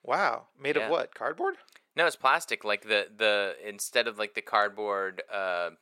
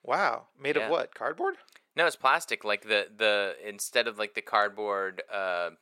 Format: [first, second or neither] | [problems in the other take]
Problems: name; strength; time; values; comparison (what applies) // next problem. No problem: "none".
neither | thin; very; fading below 500 Hz; the same in both